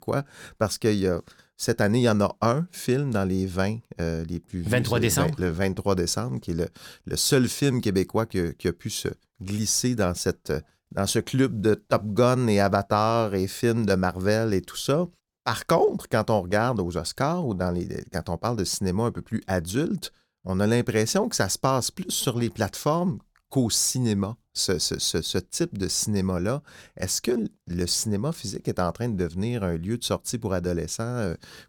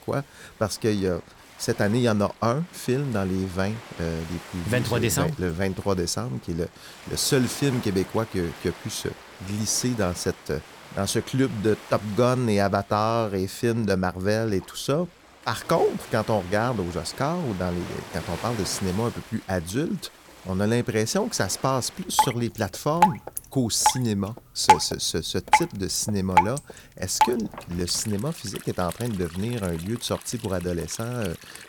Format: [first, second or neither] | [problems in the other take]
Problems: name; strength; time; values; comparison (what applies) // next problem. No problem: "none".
first | rain or running water; loud; throughout; 4 dB below the speech